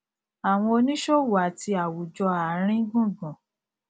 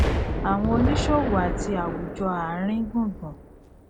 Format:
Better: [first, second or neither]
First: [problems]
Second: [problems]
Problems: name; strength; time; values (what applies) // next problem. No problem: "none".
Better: first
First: none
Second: background sound (Explosion); as loud as the speech